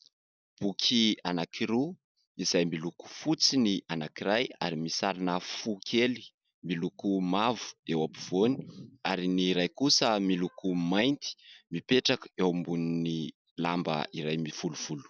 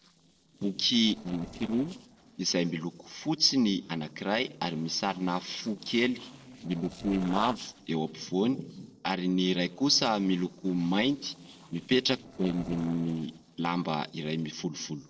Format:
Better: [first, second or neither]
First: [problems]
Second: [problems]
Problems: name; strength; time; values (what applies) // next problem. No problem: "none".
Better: first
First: none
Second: noise reduction (neural separator model SepFormer DNS4)